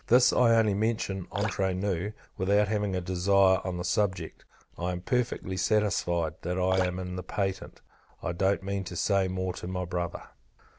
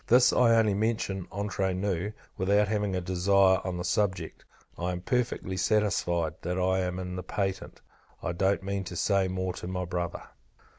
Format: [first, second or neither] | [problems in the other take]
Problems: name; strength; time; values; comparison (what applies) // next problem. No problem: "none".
second | background sound (Drip); 14 dB below the speech